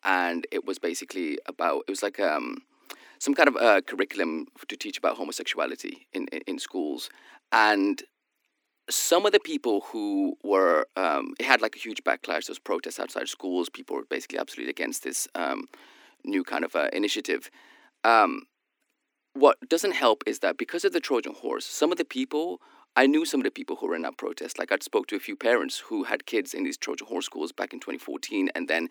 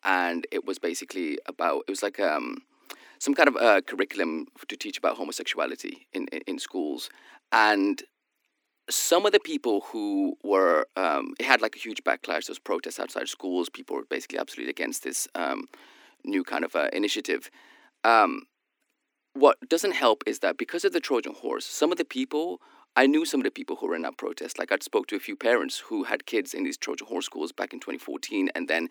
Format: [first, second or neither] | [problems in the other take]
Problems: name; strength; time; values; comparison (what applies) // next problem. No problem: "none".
neither | thin; very slightly; fading below 250 Hz; the same in both